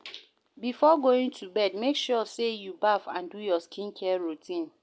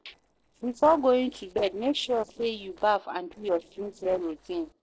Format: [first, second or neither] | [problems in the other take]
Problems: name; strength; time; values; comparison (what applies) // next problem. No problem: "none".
first | noise reduction (neural separator model SepFormer DNS4)